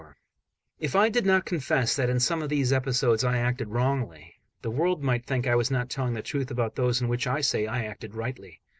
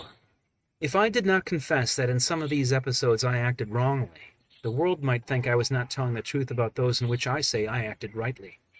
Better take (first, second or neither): first